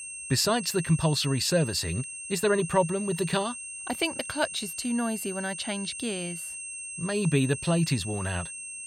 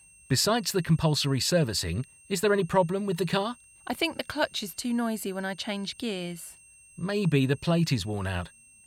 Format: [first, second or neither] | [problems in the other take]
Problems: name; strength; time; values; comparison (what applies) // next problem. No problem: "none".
second | high-pitched whine; loud; throughout; 8.5 kHz, 8 dB below the speech; faint in the second